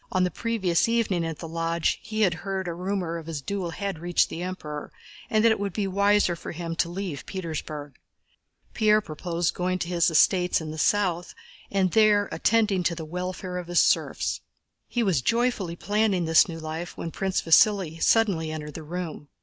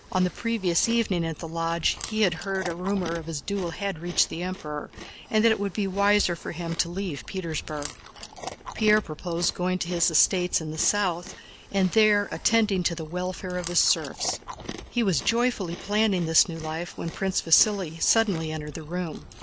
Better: first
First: none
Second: background sound (Chewing, mastication); 15 dB below the speech

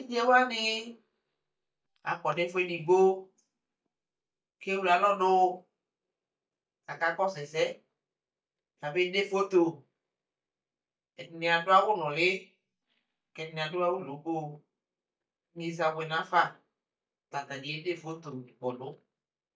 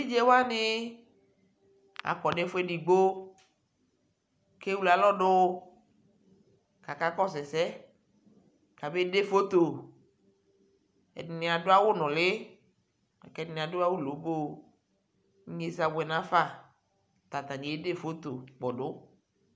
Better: second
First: noise reduction (neural mask model DeepFilterNet 3)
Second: none

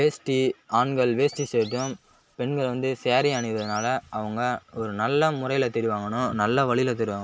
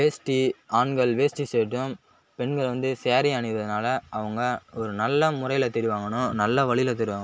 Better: second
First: background sound (Chirp, tweet); 18 dB below the speech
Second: none

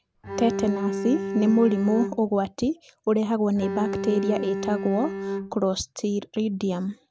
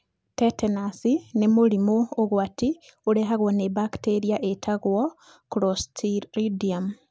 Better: second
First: background sound (Bowed string instrument); 5 dB below the speech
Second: none

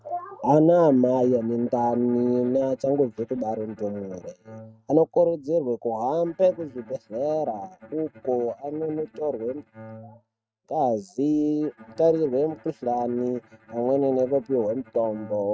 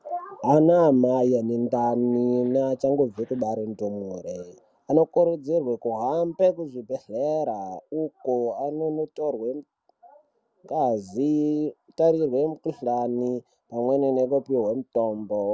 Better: second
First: noise reduction (neural mask model RNNoise)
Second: none

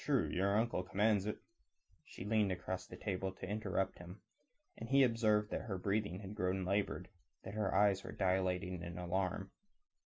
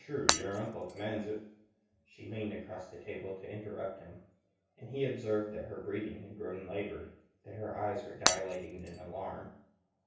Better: first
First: none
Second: background sound (Shatter); 4 dB above the speech // room echo; dies away in 0.6 s

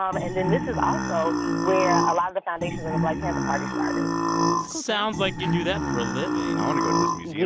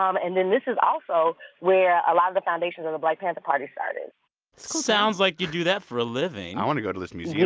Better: second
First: background sound (Burping, eructation); 2 dB above the speech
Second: none

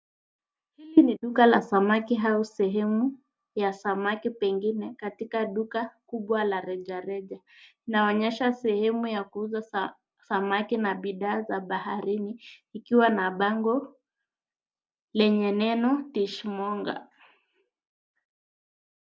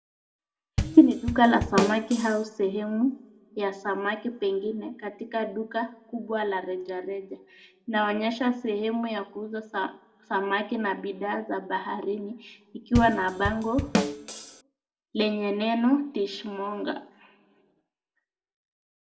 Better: first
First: none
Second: background sound (Drum kit); 2 dB below the speech // room echo; dies away in 1.1 s

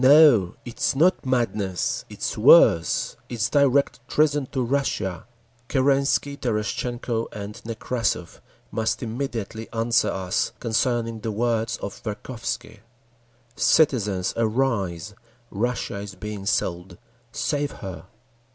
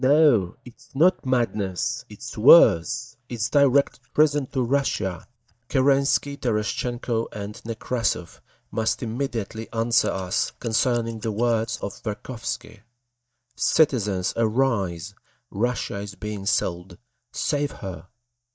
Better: first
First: none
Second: noise reduction (neural mask model DeepFilterNet 3)

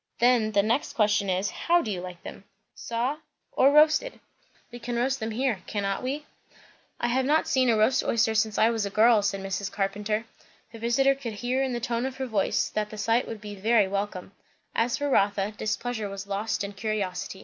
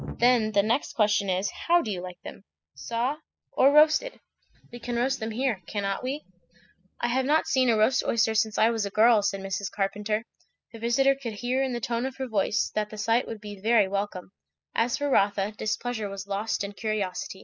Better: first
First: none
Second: noise reduction (classical method spectral subtraction)

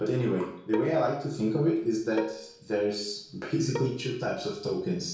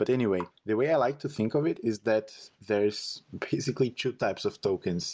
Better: second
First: background sound (Bowed string instrument); 14 dB below the speech // room echo; dies away in 0.6 s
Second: none

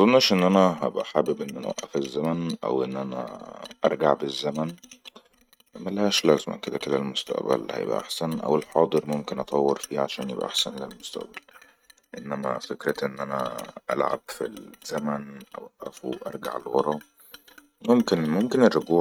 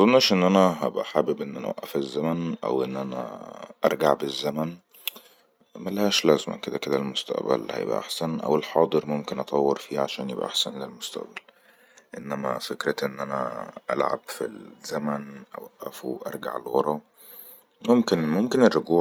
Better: second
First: noise reduction (neural mask model RNNoise)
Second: none

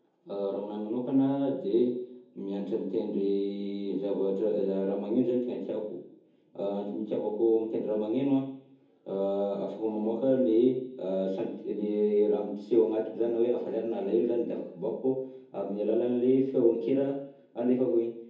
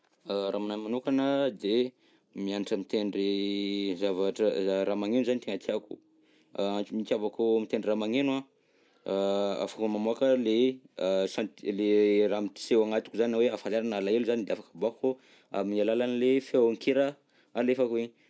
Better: second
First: room echo; dies away in 0.7 s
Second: none

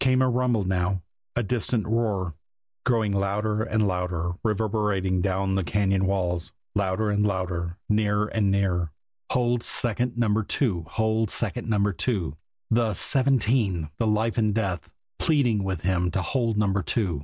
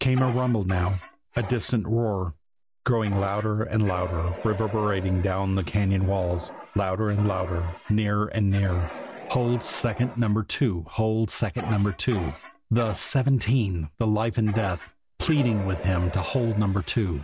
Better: first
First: none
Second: background sound (Fire); 16 dB below the speech

